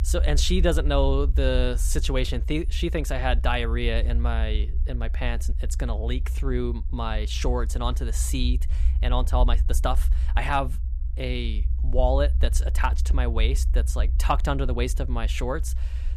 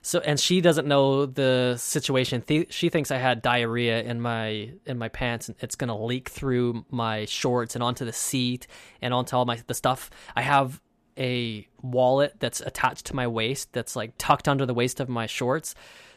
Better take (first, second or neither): second